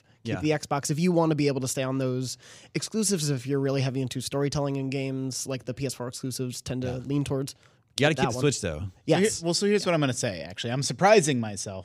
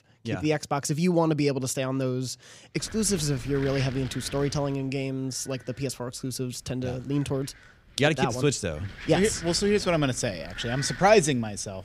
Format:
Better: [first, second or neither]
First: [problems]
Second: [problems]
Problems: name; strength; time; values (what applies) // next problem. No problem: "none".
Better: first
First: none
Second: wind noise on the microphone; occasional gusts; from 3 s on; 15 dB below the speech